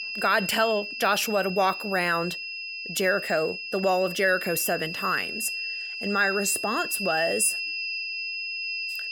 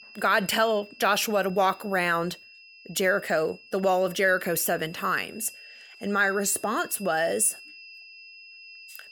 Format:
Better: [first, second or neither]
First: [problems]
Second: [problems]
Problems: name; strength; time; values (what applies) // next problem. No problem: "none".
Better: second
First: high-pitched whine; loud; throughout; 2.5 kHz, 5 dB below the speech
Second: high-pitched whine; faint; throughout; 2.5 kHz, 20 dB below the speech